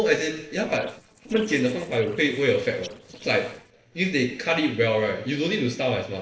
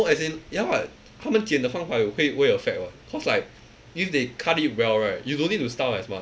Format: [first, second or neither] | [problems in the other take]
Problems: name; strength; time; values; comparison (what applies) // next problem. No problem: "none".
second | noise reduction (neural separator model SepFormer DNS4)